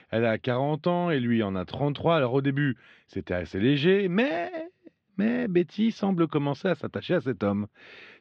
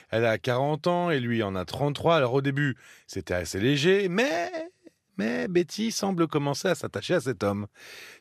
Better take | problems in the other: second | muffled; slightly; fading above 3.5 kHz

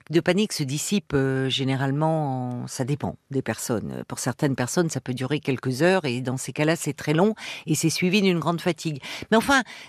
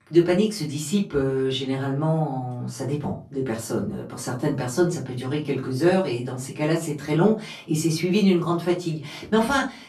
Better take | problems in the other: first | off-mic speech; far // room echo; slight; dies away in 0.3 s

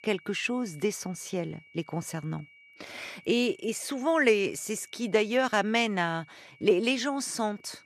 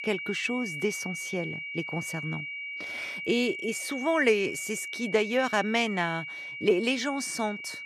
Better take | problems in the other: first | high-pitched whine; loud; throughout; 2.5 kHz, 6 dB below the speech; faint in the first

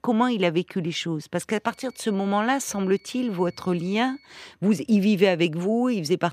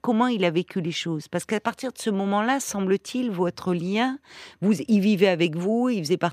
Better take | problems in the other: second | high-pitched whine; faint; from 1.5 to 4.5 s; 2.5 kHz, 30 dB below the speech

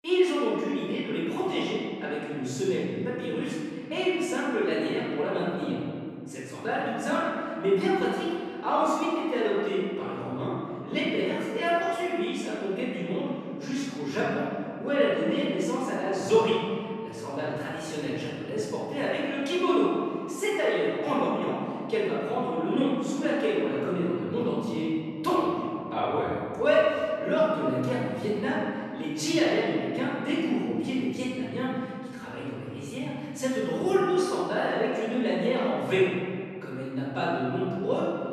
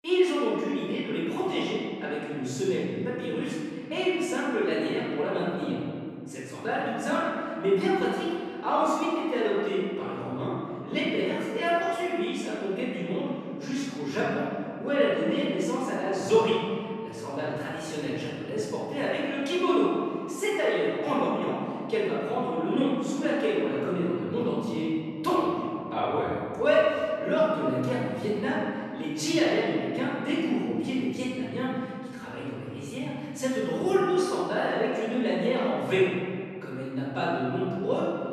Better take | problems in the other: neither | room echo; strong; dies away in 2.3 s; the same in both // off-mic speech; far; the same in both

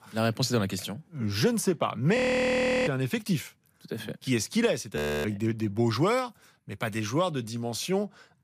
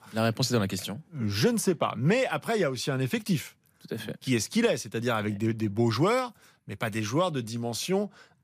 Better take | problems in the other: second | audio freezing; at 2 s for 0.5 s and at 5 s

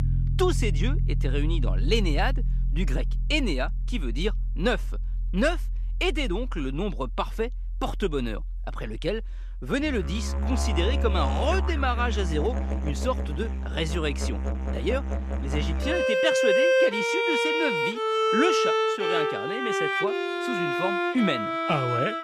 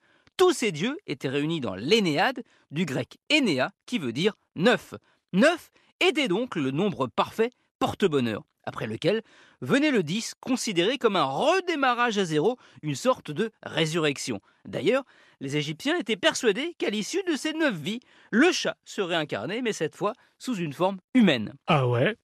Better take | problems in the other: second | background music; very loud; throughout; 2 dB above the speech

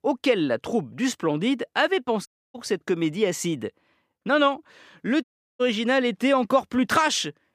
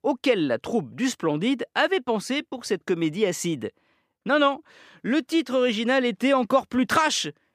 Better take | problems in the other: second | audio cutting out; at 2.5 s and at 5 s

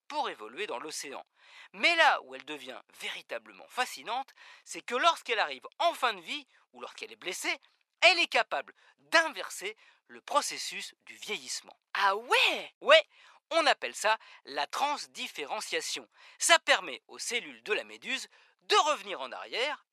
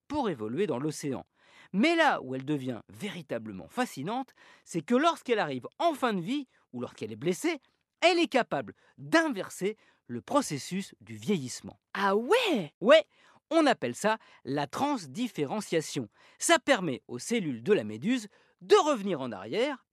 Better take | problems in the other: second | thin; very; fading below 850 Hz

